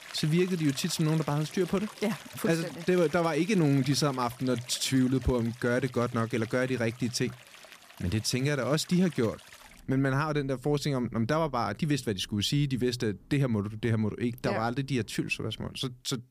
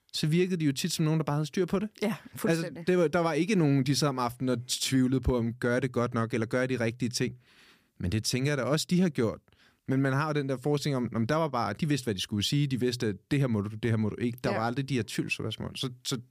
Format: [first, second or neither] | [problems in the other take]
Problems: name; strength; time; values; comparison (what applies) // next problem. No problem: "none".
second | rain or running water; noticeable; throughout; 20 dB below the speech